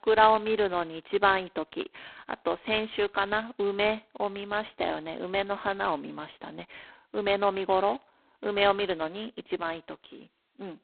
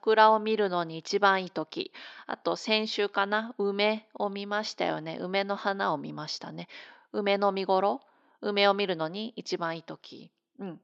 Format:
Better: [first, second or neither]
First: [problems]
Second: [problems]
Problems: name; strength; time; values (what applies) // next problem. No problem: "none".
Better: second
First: phone-call audio; poor line; nothing above 4 kHz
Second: none